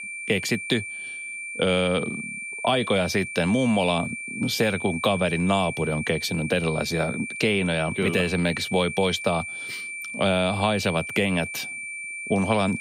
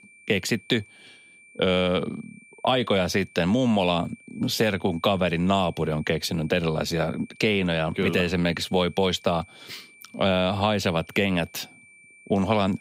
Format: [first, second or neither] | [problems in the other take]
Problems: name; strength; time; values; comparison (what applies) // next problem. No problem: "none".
second | high-pitched whine; loud; throughout; 2.5 kHz, 8 dB below the speech; faint in the second